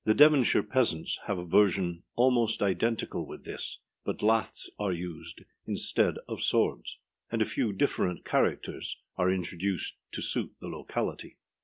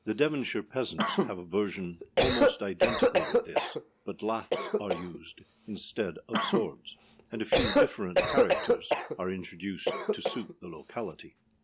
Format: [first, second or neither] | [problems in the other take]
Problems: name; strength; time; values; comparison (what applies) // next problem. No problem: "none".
first | background sound (Cough); 4 dB above the speech